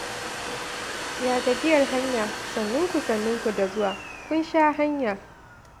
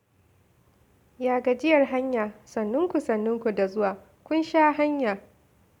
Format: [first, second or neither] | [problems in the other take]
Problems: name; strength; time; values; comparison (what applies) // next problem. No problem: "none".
second | background sound (Domestic sounds, home sounds); 8 dB below the speech